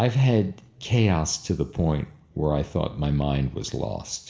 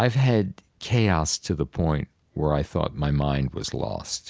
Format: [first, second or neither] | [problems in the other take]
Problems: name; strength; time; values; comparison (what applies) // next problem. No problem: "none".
second | room echo; dies away in 0.6 s